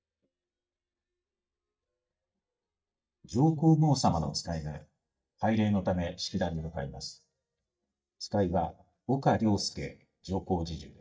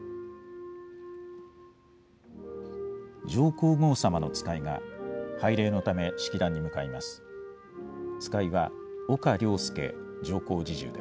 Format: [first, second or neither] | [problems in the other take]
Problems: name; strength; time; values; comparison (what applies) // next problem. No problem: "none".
second | noise reduction (neural mask model DeepFilterNet 3)